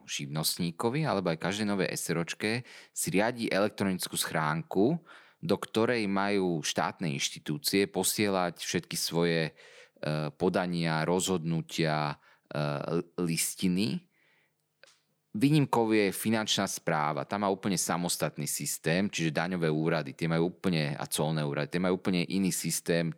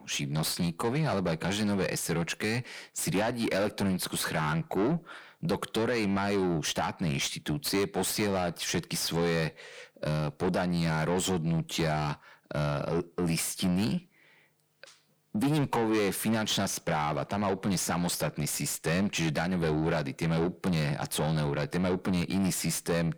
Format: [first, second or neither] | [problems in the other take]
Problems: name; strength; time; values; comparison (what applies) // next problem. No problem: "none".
first | distortion; heavy; 7 dB below the speech